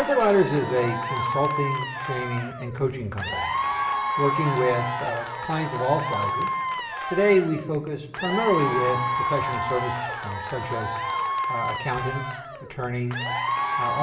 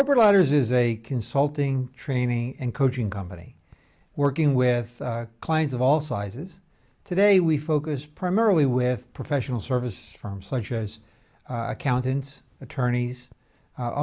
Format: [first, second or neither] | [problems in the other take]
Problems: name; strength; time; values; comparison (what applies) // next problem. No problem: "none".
second | background sound (Applause / Crowd / Cheering); 2 dB below the speech // room echo; dies away in 0.9 s